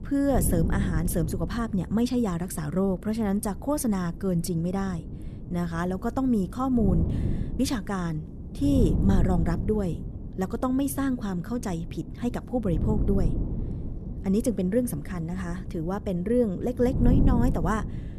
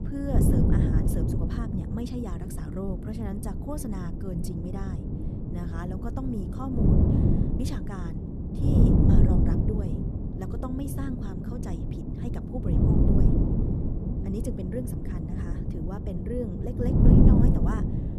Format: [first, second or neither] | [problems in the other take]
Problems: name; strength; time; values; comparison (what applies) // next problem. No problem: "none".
first | wind noise on the microphone; heavy; 4 dB above the speech; occasional gusts in the first